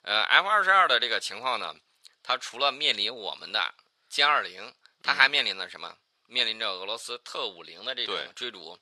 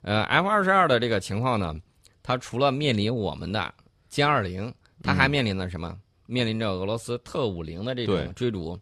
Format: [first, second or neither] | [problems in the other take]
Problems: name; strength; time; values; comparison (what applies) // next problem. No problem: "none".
second | thin; very; fading below 700 Hz